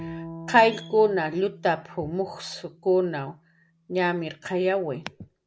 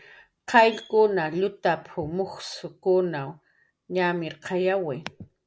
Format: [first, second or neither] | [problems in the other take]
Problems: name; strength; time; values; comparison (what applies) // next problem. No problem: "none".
second | background sound (Bowed string instrument); 18 dB below the speech